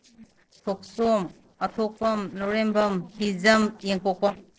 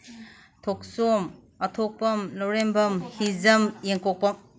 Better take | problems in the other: second | noise reduction (neural separator model SepFormer DNS4)

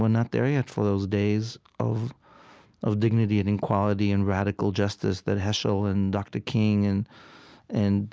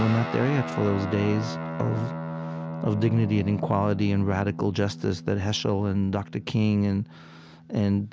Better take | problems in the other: first | background sound (Guitar); 9 dB below the speech

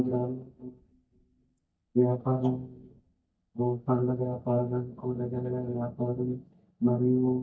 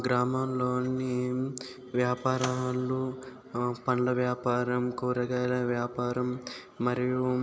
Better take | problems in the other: second | noise reduction (neural mask model DeepFilterNet 3)

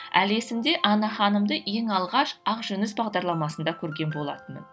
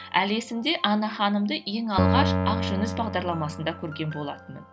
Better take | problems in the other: first | background sound (Keyboard (musical)); 3 dB below the speech

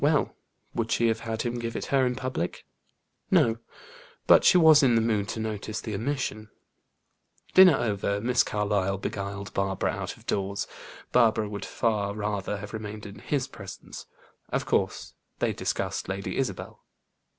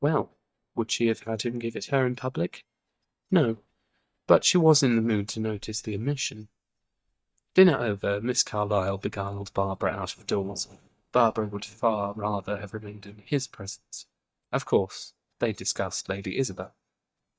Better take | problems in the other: first | noise reduction (neural mask model DeepFilterNet 3)

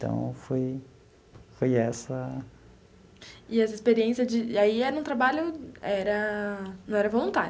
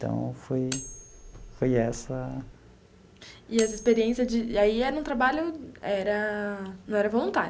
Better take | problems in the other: first | background sound (Cutlery, silverware); 14 dB below the speech

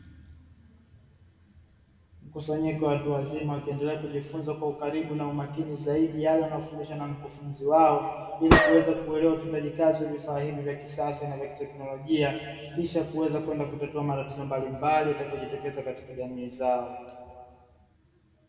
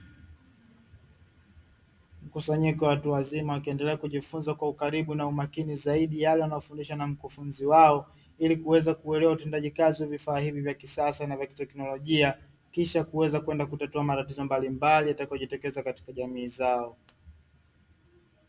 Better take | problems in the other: second | background sound (Gunshot, gunfire); 4 dB above the speech // room echo; dies away in 2.2 s

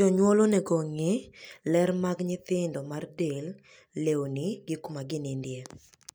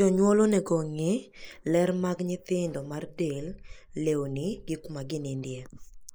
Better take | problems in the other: first | noise reduction (neural mask model Resemble Enhance denoiser)

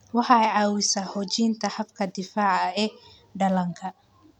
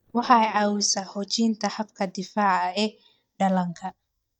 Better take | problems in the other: first | noise reduction (neural mask model DeepFilterNet 3)

